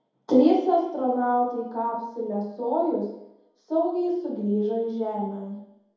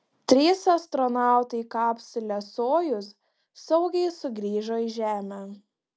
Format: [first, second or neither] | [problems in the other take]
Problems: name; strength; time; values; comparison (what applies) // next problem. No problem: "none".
second | room echo; dies away in 1.8 s